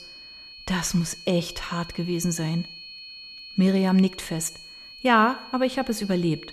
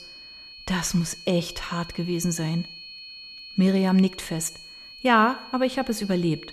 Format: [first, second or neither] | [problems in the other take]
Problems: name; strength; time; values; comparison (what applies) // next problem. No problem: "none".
neither | high-pitched whine; noticeable; throughout; 4.5 kHz, 15 dB below the speech; the same in both